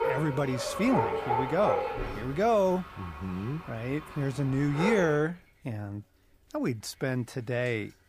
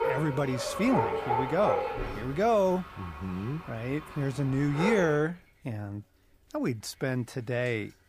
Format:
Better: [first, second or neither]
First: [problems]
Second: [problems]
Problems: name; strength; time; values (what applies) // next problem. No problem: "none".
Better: neither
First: animal sounds; loud; throughout; 4 dB below the speech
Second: animal sounds; loud; throughout; 4 dB below the speech